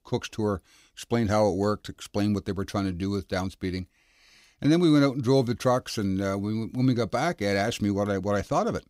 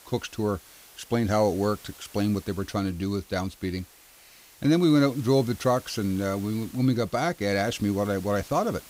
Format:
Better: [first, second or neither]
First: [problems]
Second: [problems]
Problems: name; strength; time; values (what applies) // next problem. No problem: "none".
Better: first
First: none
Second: hiss; faint; throughout; 20 dB below the speech